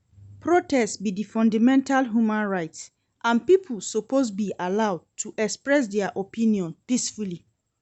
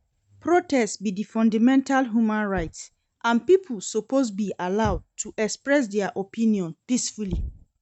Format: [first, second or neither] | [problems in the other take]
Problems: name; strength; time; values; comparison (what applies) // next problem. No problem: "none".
first | noise reduction (neural mask model RNNoise)